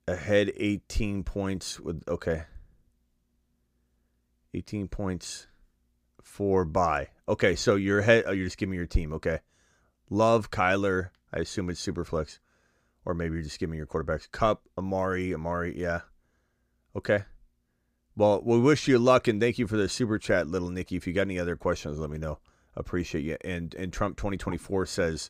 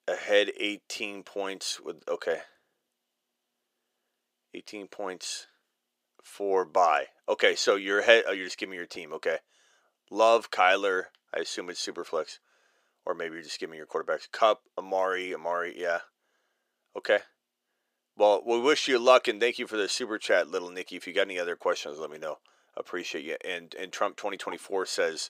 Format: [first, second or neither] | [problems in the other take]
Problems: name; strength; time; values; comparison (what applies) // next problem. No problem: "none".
first | thin; very; fading below 400 Hz